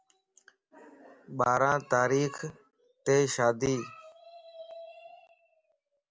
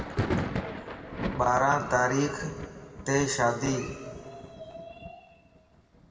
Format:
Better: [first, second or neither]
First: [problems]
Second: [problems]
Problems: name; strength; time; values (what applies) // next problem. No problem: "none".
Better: first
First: none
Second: background sound (Thunder); 6 dB below the speech // room echo; dies away in 1.7 s